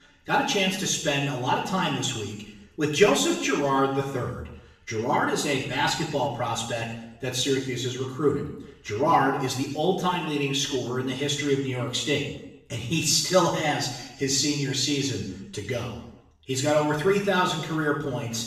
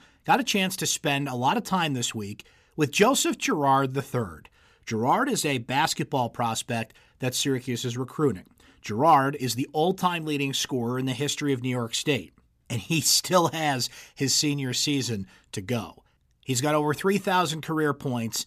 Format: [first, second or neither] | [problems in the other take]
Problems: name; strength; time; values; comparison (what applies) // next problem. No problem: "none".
second | room echo; noticeable; dies away in 0.7 s // off-mic speech; far